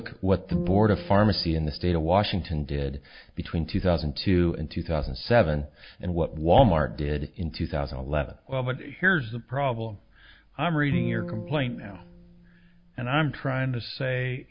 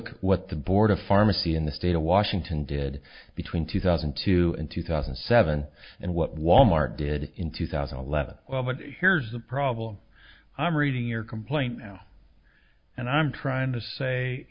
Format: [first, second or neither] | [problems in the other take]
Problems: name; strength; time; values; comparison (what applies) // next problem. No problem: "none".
second | background sound (Bowed string instrument); 10 dB below the speech